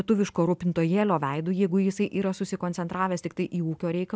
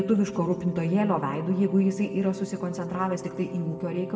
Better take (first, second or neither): first